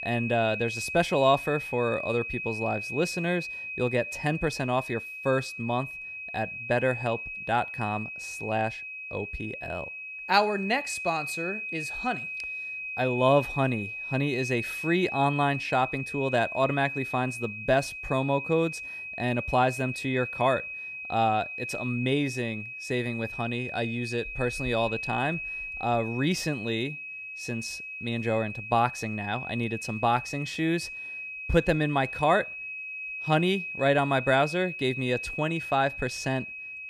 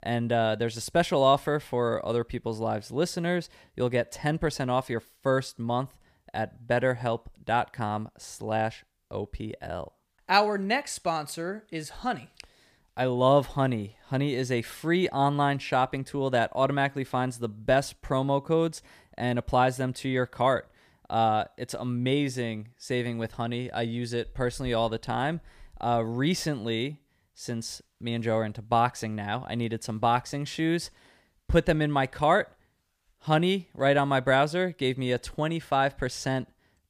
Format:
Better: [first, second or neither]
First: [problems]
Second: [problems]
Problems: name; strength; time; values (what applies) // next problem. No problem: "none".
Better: second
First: high-pitched whine; loud; throughout; 2.5 kHz, 6 dB below the speech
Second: none